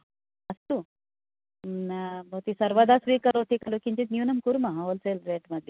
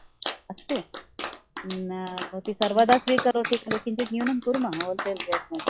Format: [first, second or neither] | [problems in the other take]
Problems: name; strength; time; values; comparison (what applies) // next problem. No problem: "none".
first | noise reduction (classical method log-MMSE)